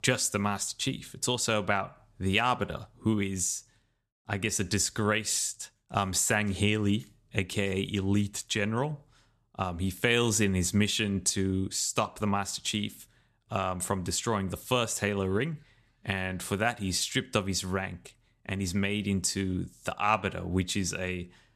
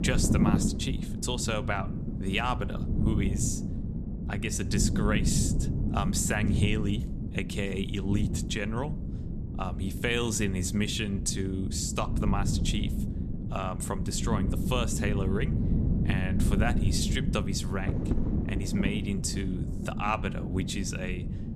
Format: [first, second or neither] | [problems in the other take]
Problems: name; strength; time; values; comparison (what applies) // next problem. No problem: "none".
first | wind noise on the microphone; heavy; 7 dB below the speech